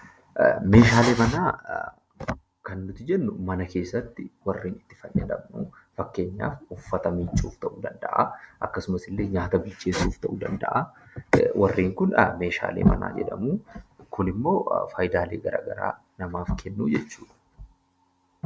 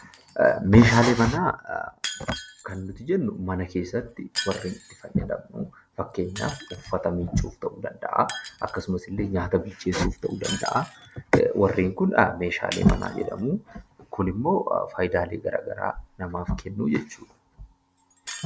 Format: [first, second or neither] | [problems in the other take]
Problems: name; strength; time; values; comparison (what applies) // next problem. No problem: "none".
first | background sound (Shatter); 17 dB below the speech